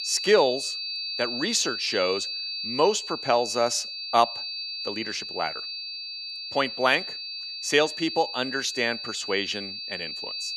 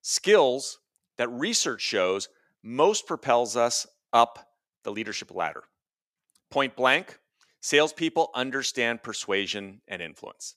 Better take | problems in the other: second | high-pitched whine; loud; throughout; 4.5 kHz, 5 dB below the speech

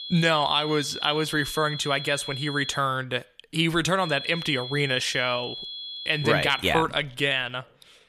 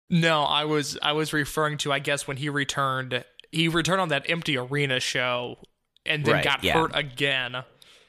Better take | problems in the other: second | high-pitched whine; loud; until 3 s and from 4 to 6.5 s; 3.5 kHz, 9 dB below the speech

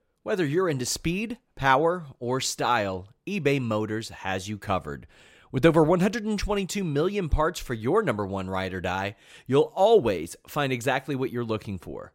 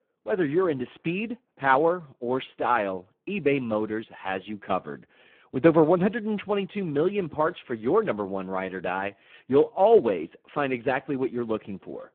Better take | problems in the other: first | phone-call audio; poor line

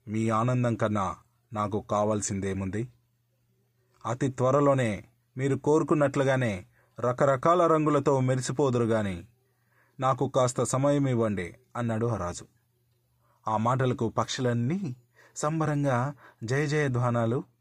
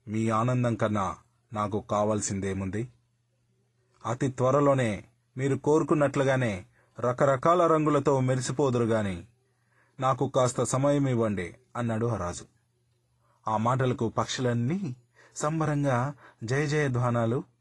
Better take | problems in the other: first | garbled, watery; slightly

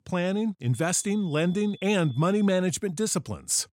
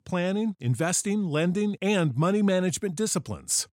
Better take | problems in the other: second | high-pitched whine; faint; from 0.5 to 2.5 s; 3.5 kHz, 25 dB below the speech

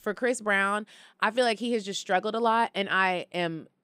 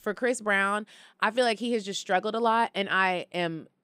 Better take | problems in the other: neither | none

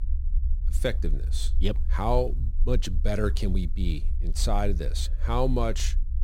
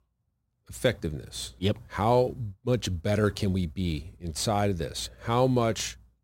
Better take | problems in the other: second | low rumble; noticeable; throughout; 20 dB below the speech

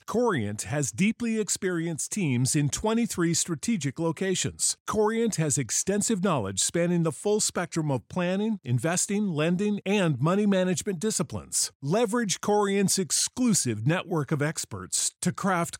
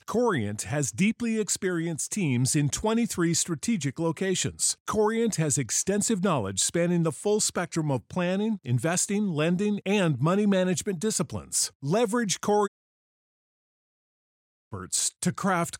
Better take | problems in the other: first | audio cutting out; at 13 s for 2 s

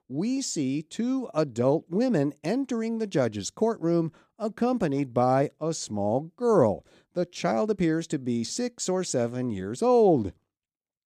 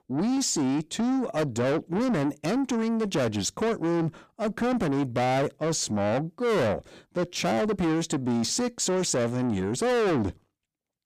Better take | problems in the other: first | distortion; heavy; 6 dB below the speech

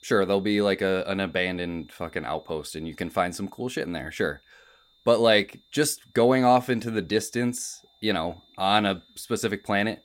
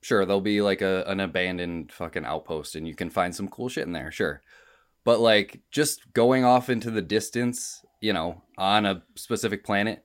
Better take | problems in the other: second | high-pitched whine; faint; throughout; 3.5 kHz, 30 dB below the speech

